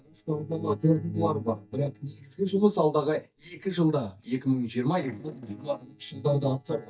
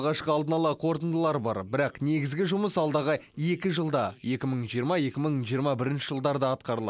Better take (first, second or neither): second